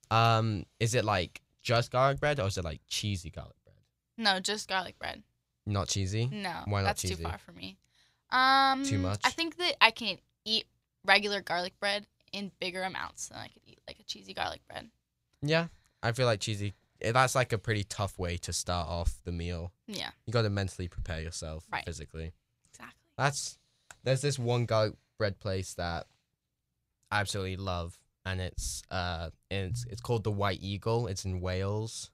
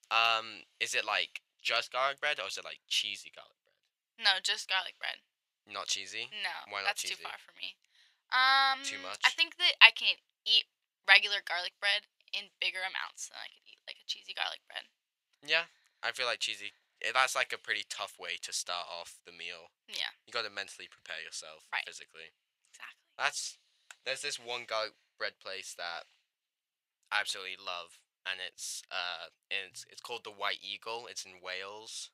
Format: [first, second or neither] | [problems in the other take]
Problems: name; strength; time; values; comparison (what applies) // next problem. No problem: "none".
first | thin; very; fading below 750 Hz